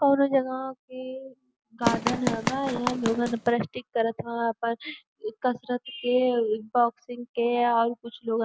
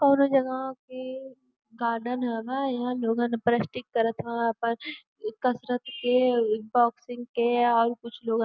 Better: second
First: background sound (Run); 3 dB below the speech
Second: none

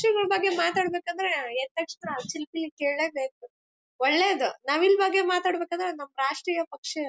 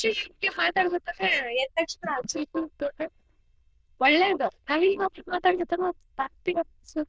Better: first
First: none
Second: noise reduction (neural diffusion model UNIVERSE++)

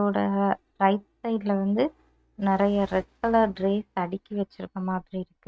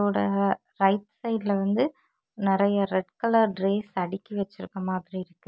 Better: second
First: noise reduction (neural mask model RNNoise)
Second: none

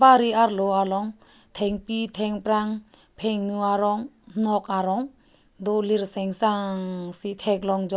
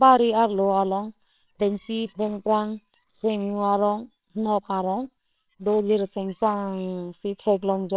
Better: first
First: none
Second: noise reduction (neural separator model SepFormer WHAMR!)

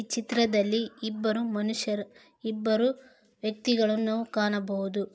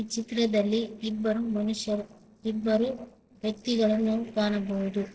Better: first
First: none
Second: noise reduction (neural separator model SepFormer DNS4)

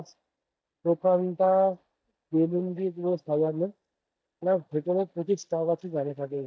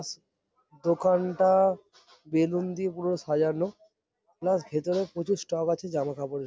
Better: second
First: noise reduction (neural mask model DeepFilterNet 3)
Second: none

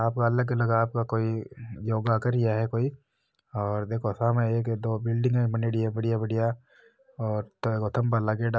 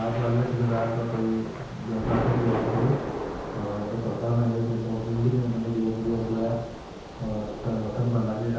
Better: first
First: none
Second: background sound (Thunder / Rain); 7 dB below the speech // room echo; dies away in 0.9 s

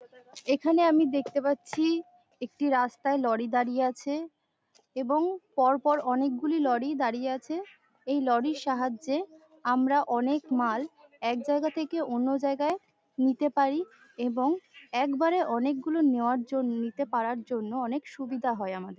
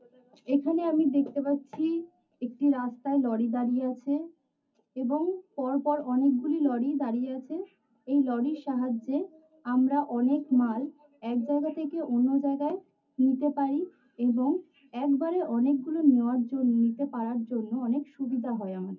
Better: first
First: none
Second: room echo; dies away in 0.4 s

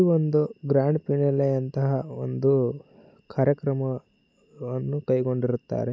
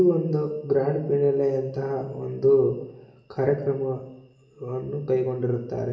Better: first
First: none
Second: room echo; dies away in 0.7 s

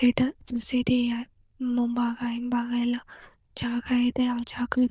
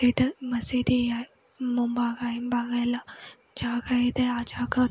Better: second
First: noise reduction (neural diffusion model UNIVERSE++)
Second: none

